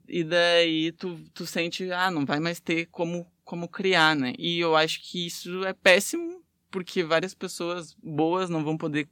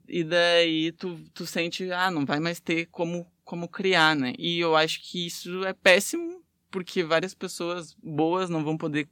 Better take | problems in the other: neither | none

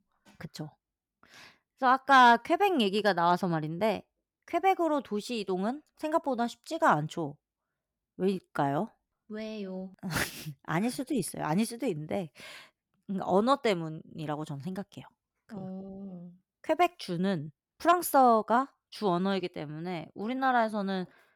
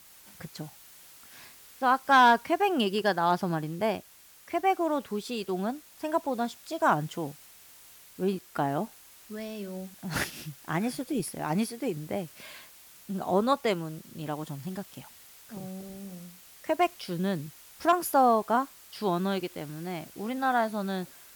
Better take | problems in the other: first | hiss; faint; throughout; 20 dB below the speech

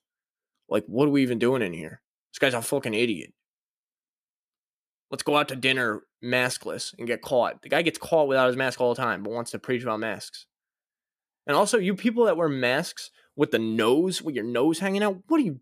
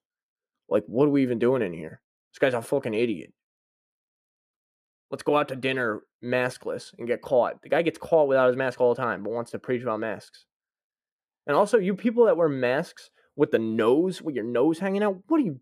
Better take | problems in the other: first | muffled; slightly; fading above 2.5 kHz

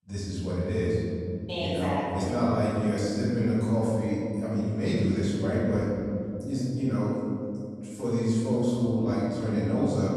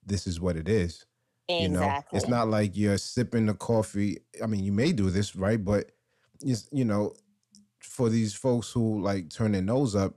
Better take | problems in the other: second | room echo; strong; dies away in 2.7 s // off-mic speech; far

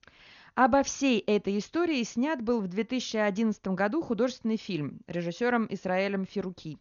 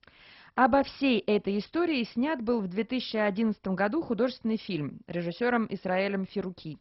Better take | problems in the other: first | garbled, watery; badly; nothing above 5.5 kHz; slightly in the first

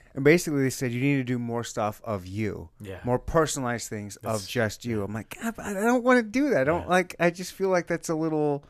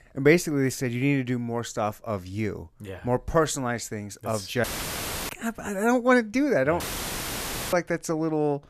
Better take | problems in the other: first | audio cutting out; filled with static; at 4.5 s for 0.5 s and at 7 s for 1 s

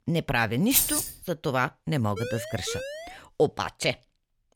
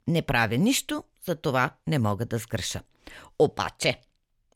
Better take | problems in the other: second | jangling keys; loud; at 0.5 s; peak 6 dB above the speech // siren; noticeable; from 2 to 3 s; peak 7 dB below the speech

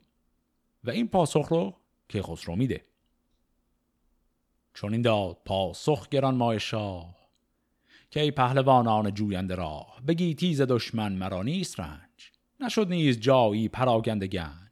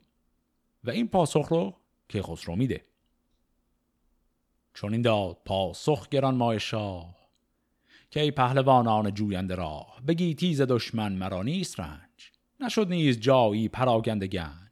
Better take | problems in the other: neither | none

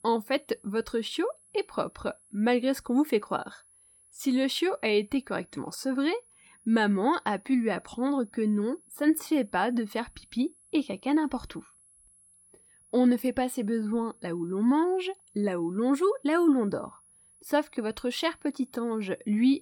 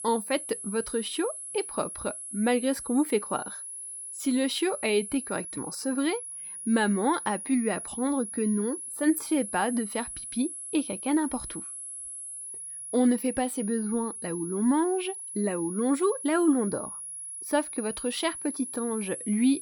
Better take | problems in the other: first | high-pitched whine; loud; throughout; 10.5 kHz, 7 dB below the speech; faint in the first

